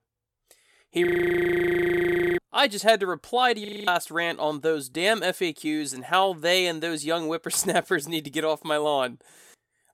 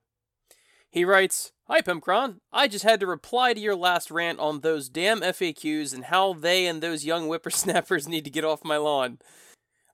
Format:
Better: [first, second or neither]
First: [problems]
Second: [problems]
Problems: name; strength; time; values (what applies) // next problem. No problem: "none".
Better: second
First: audio freezing; at 1 s for 1.5 s and at 3.5 s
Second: none